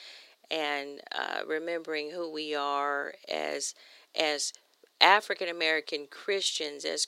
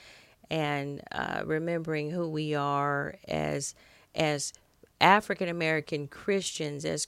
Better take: second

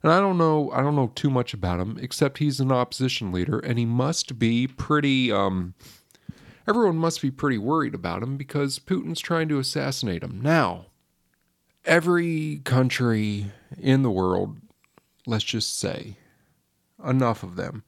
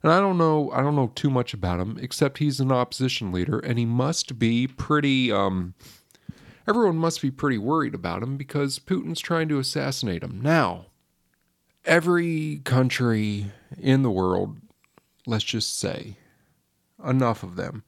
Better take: neither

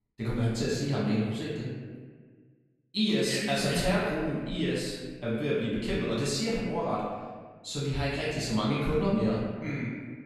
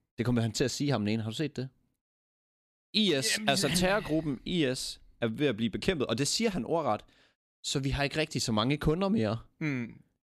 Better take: second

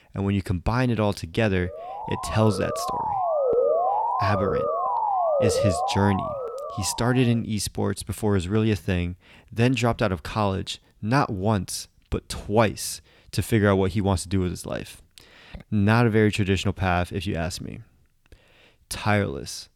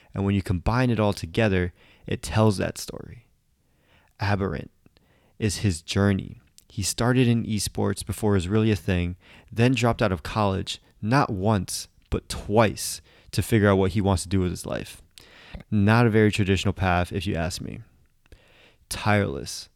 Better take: second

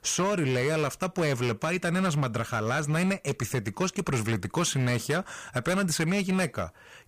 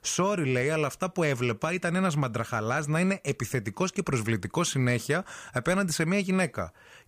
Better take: second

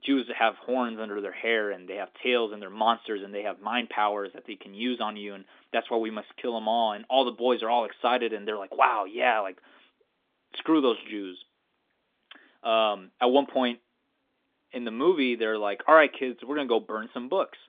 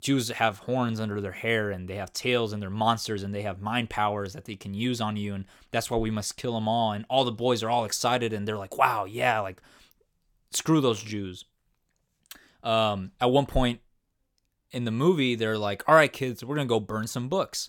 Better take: second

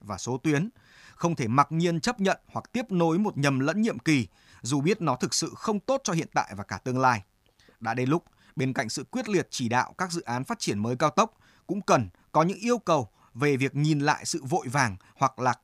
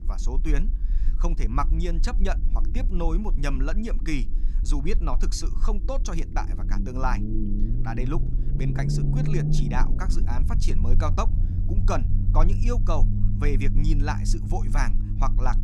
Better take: first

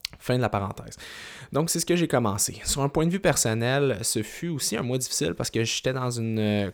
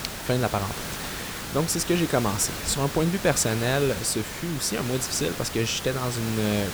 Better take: first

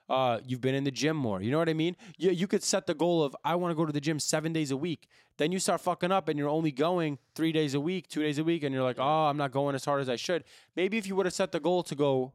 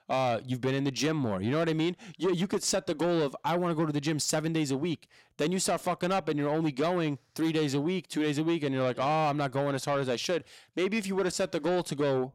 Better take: first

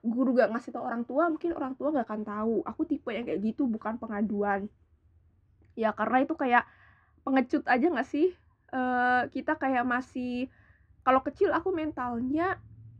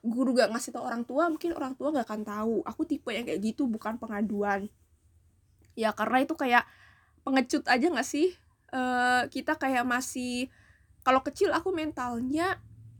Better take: second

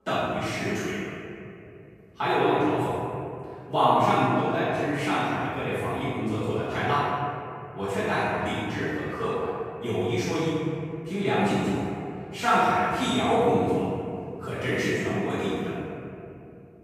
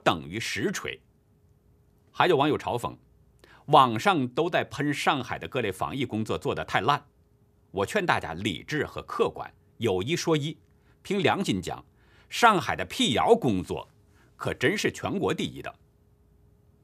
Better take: second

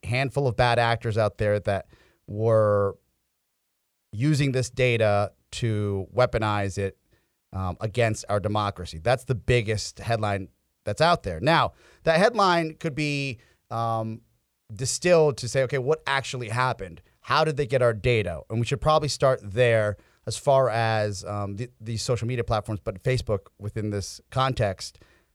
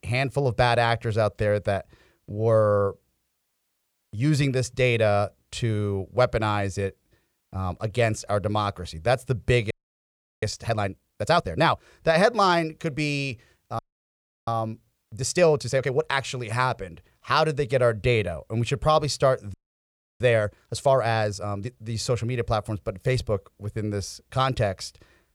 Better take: first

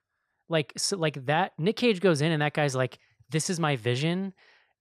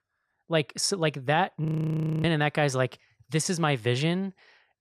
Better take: first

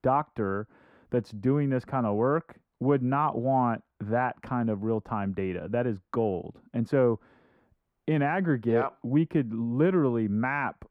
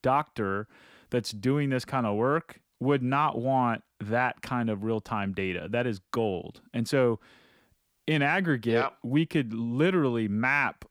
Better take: second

